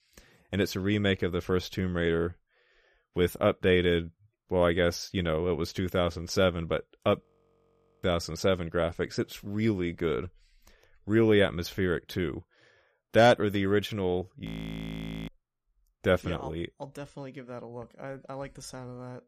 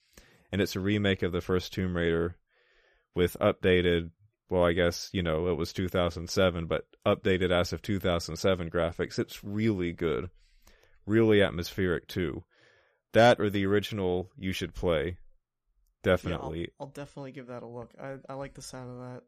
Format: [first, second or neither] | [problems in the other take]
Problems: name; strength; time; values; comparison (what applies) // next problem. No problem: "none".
second | audio freezing; at 7 s for 1 s and at 14 s for 1 s